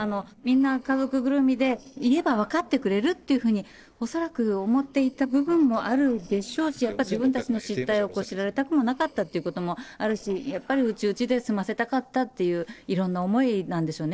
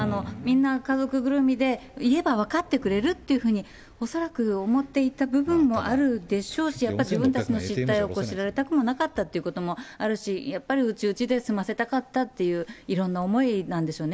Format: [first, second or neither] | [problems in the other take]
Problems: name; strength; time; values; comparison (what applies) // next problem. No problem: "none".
second | noise reduction (neural separator model SepFormer DNS4)